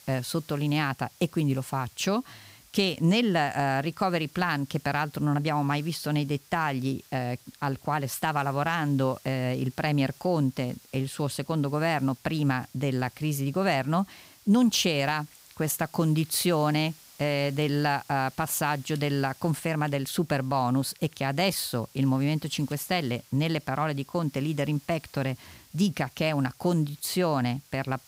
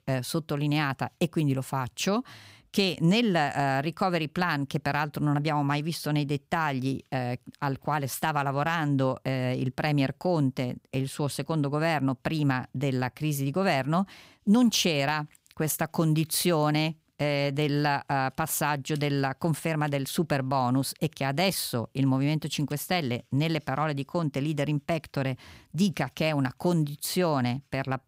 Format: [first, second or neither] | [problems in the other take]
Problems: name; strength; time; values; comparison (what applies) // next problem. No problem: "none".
second | hiss; faint; throughout; 25 dB below the speech